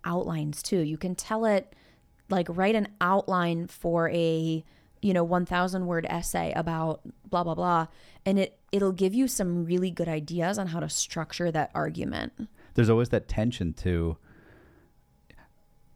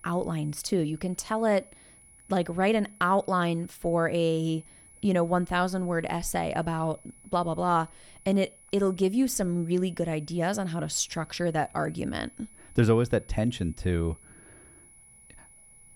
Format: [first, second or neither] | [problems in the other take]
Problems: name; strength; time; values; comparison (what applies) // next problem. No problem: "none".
first | high-pitched whine; faint; throughout; 10.5 kHz, 25 dB below the speech